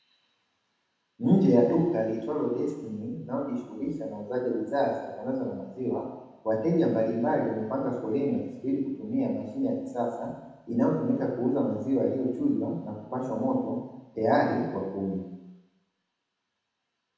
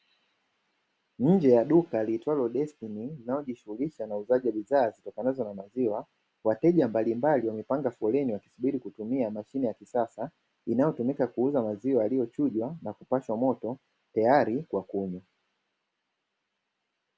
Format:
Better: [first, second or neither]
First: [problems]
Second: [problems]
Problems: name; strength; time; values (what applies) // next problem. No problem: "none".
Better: second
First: room echo; dies away in 1 s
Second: none